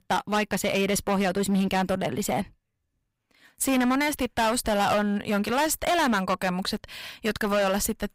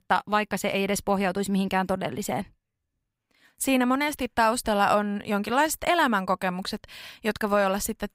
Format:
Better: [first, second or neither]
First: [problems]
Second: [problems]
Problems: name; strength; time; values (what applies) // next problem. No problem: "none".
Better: second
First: distortion; heavy; 12% of the sound clipped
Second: none